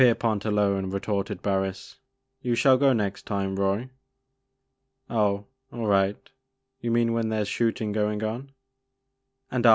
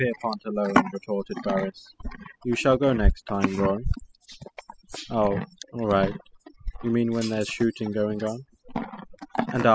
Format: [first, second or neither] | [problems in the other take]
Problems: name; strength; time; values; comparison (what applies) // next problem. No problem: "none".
first | noise reduction (classical method spectral subtraction)